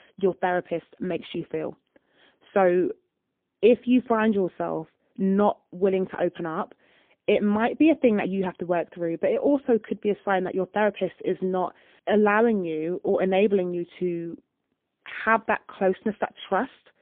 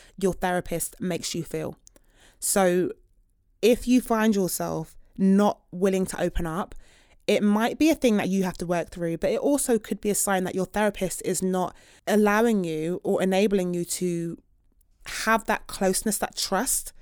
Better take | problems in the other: second | phone-call audio; poor line

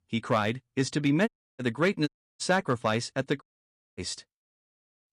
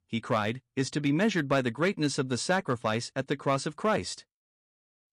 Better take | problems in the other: second | audio cutting out; at 1.5 s, at 2 s and at 3.5 s for 0.5 s

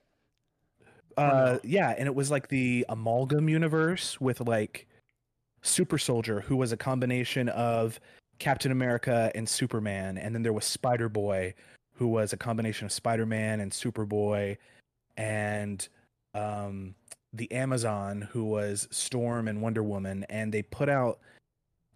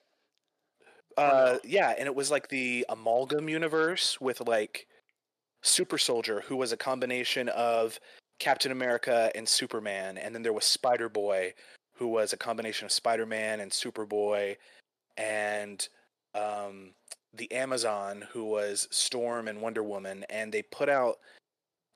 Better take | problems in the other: first | thin; somewhat; fading below 450 Hz

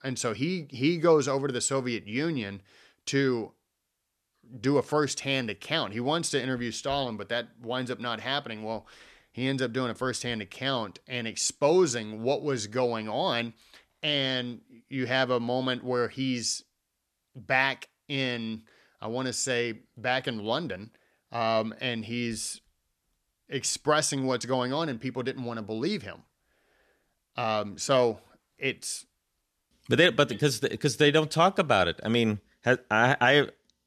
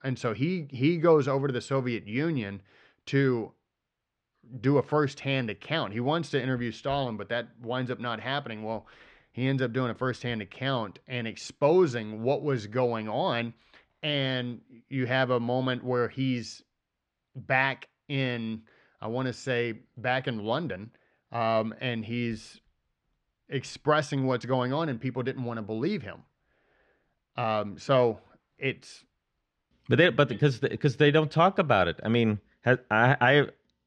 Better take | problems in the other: first | muffled; slightly; fading above 3 kHz

